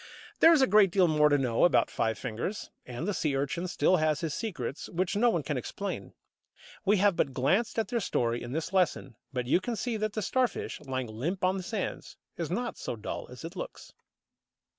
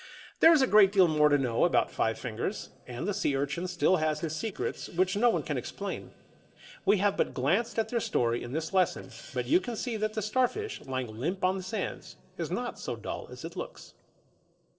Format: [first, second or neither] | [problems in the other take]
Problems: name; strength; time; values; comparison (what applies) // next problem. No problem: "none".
first | noise reduction (neural separator model SepFormer DNS4)